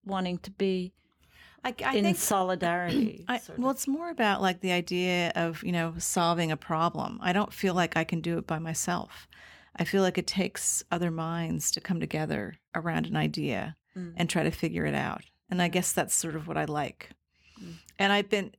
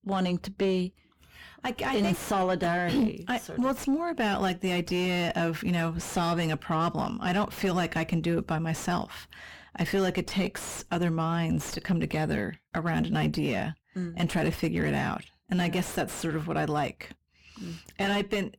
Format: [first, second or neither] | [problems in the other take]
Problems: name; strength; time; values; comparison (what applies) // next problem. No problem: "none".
first | distortion; heavy; 5 dB below the speech